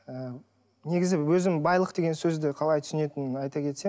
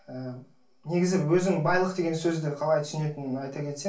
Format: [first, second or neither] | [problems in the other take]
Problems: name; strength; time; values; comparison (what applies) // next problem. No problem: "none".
first | room echo; dies away in 0.3 s